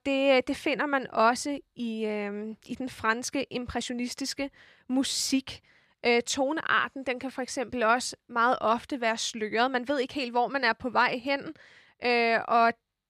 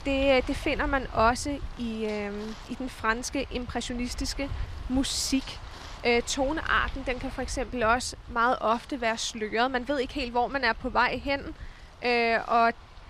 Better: first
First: none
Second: wind noise on the microphone; occasional gusts; 20 dB below the speech

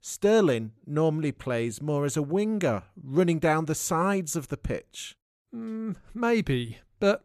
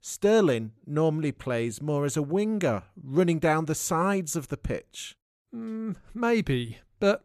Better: neither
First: none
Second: none

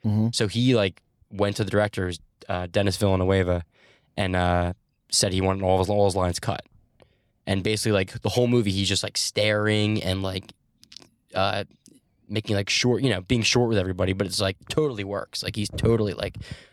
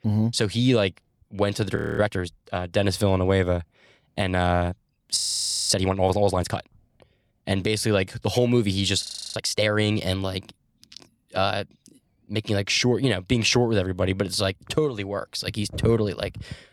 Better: first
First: none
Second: audio freezing; at 2 s, at 5 s for 0.5 s and at 9 s

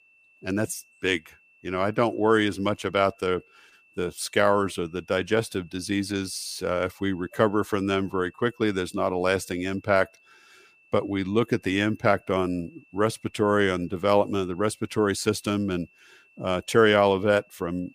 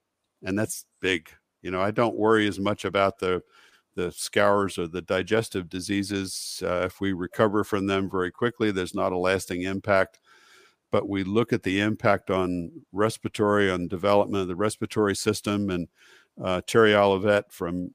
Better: second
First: high-pitched whine; faint; throughout; 2.5 kHz, 30 dB below the speech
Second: none

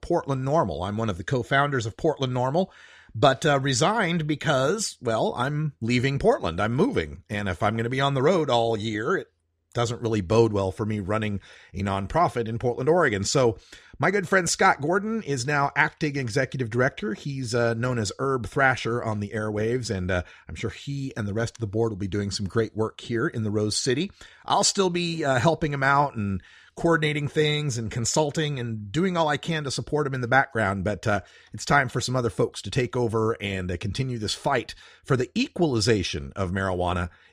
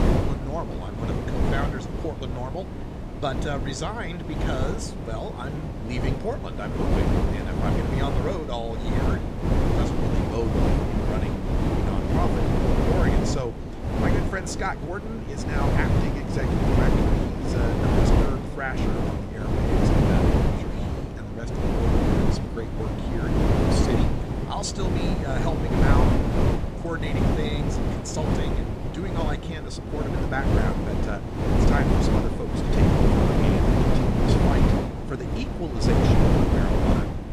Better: first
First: none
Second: wind noise on the microphone; heavy; 4 dB above the speech

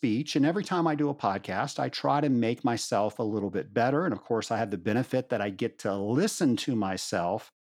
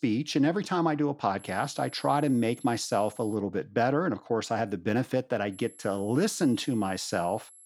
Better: first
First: none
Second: high-pitched whine; faint; from 1.5 to 3.5 s and from 5.5 s on; 11 kHz, 20 dB below the speech

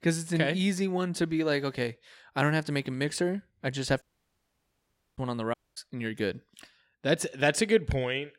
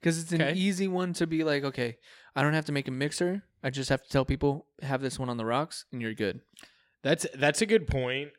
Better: second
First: audio cutting out; at 4 s for 1 s and at 5.5 s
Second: none

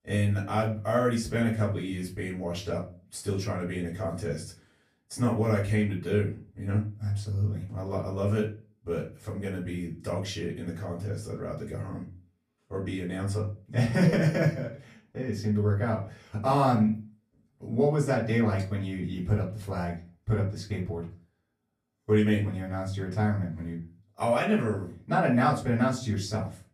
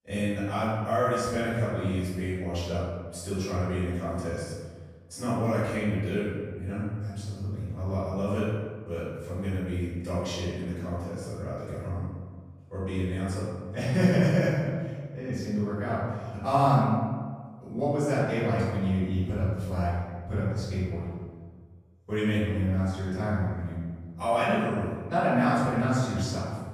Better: first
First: room echo; slight; dies away in 0.3 s // off-mic speech; far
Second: room echo; strong; dies away in 1.4 s // off-mic speech; far

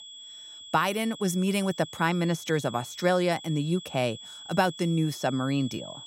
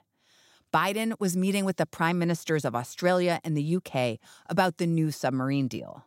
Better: second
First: high-pitched whine; noticeable; throughout; 3.5 kHz, 15 dB below the speech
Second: none

